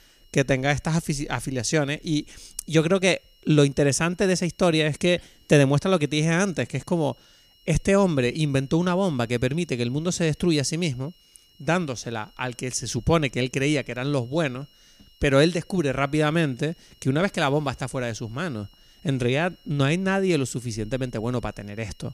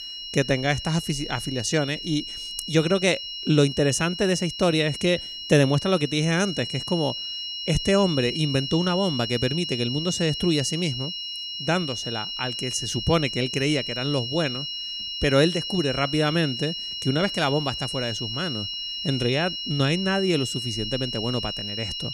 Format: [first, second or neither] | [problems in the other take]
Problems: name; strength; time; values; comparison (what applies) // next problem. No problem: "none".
first | high-pitched whine; loud; throughout; 3 kHz, 5 dB below the speech; faint in the first